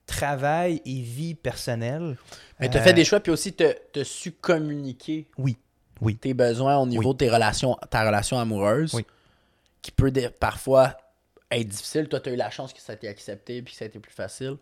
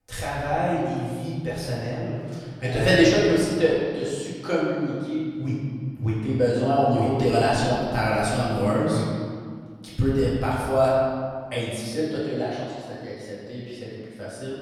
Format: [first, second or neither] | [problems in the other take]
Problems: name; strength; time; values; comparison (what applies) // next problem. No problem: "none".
first | room echo; strong; dies away in 1.8 s // off-mic speech; far